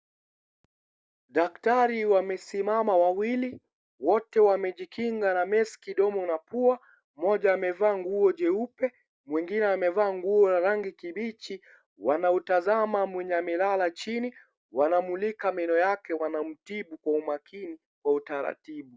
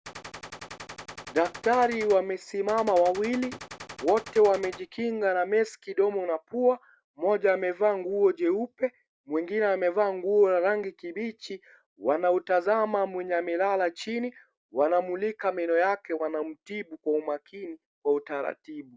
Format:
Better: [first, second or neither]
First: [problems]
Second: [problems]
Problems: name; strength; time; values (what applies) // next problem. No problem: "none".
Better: first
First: none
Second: background sound (Gunshot, gunfire); 15 dB below the speech